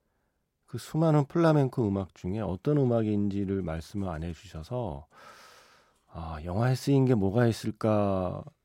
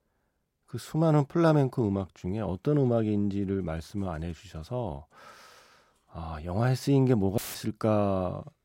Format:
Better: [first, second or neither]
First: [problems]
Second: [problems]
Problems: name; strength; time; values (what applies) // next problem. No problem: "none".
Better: first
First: none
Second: audio cutting out; filled with static; at 7.5 s